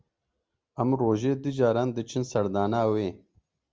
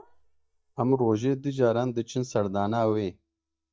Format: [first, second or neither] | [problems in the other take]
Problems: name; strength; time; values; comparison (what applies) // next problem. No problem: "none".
first | noise reduction (neural mask model DeepFilterNet 3)